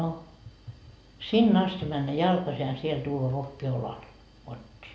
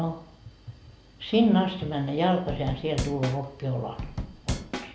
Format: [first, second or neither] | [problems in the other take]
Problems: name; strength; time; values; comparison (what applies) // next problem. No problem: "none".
first | background sound (Drum / Drum kit); 5 dB below the speech